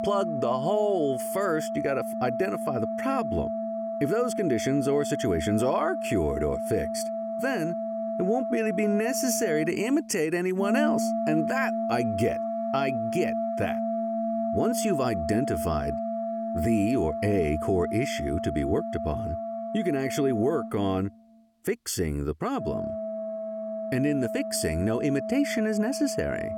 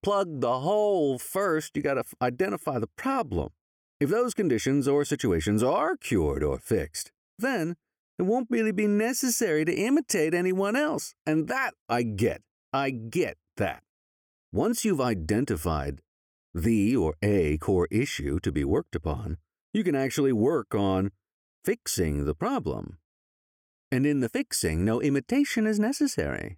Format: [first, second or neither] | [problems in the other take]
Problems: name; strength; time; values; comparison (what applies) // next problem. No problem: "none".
second | background music; loud; throughout; 3 dB below the speech